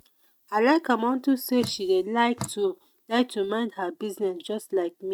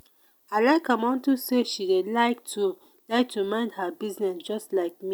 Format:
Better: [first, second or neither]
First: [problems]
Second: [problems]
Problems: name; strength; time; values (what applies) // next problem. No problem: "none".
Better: second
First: noise reduction (neural mask model RNNoise)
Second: none